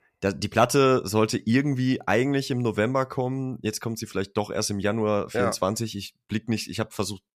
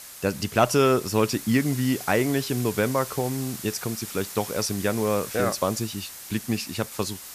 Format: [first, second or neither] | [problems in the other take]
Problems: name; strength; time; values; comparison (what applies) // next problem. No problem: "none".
first | hiss; noticeable; throughout; 10 dB below the speech